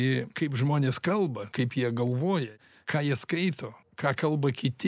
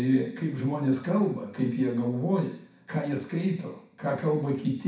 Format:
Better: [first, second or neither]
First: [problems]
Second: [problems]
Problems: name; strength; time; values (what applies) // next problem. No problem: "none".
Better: first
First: none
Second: room echo; dies away in 0.6 s